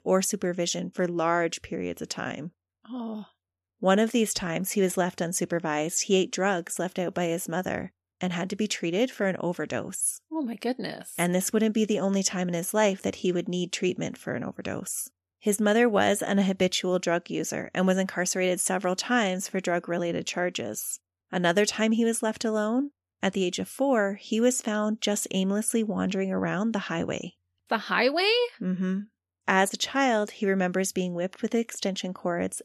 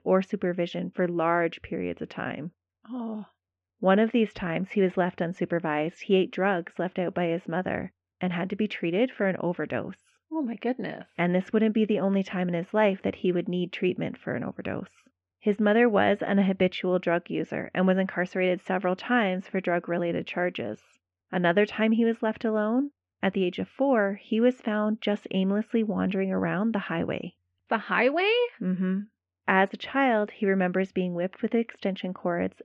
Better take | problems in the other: first | muffled; very; fading above 2.5 kHz

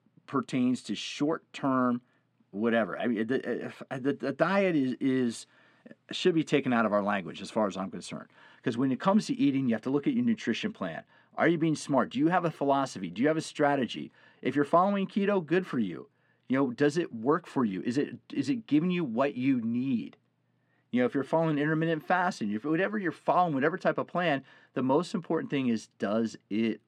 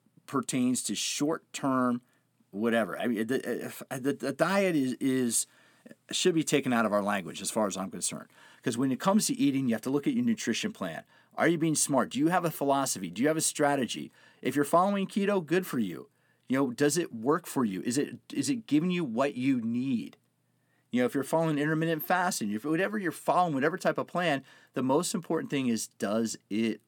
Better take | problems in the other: second | muffled; slightly; fading above 3.5 kHz

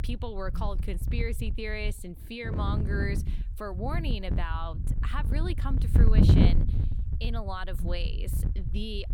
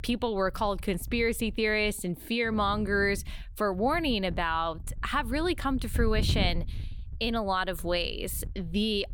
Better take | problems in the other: second | wind noise on the microphone; heavy; 3 dB below the speech; occasional gusts in the second

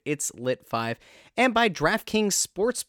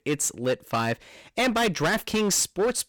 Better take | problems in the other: first | distortion; heavy; 14% of the sound clipped

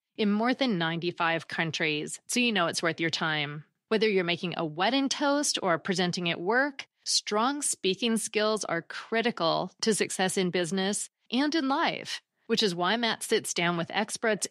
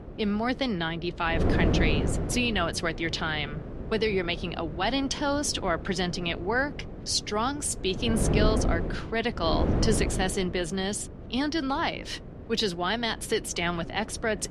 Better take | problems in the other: first | wind noise on the microphone; heavy; 9 dB below the speech

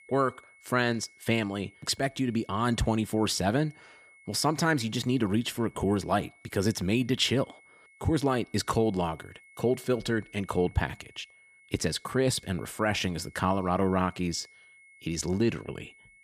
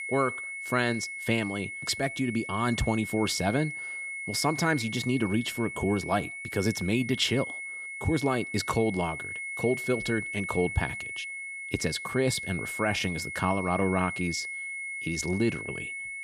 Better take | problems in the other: first | high-pitched whine; loud; throughout; 2 kHz, 6 dB below the speech; faint in the first

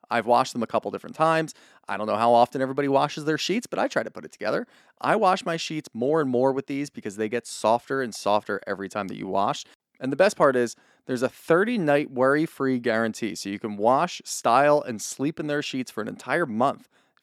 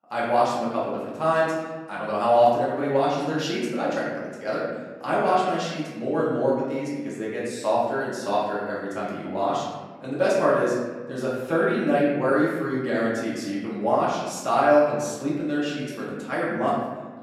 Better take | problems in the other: first | room echo; noticeable; dies away in 1.3 s // off-mic speech; far

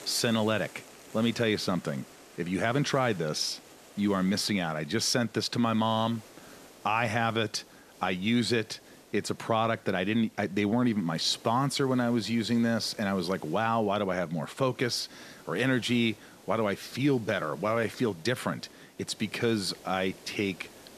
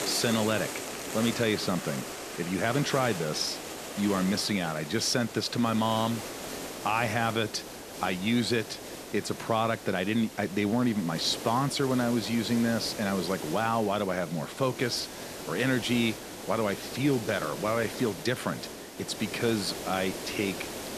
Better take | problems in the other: first | hiss; loud; throughout; 9 dB below the speech; faint in the first

